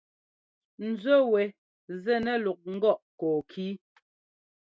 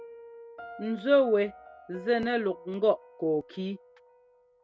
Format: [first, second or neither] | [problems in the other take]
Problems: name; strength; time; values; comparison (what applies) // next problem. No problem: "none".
first | background sound (Piano); 19 dB below the speech